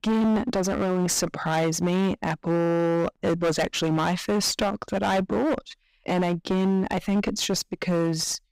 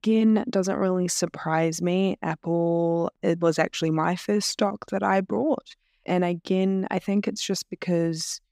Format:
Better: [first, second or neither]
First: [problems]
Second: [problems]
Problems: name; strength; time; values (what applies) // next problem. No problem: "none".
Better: second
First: distortion; heavy; 20% of the sound clipped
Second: none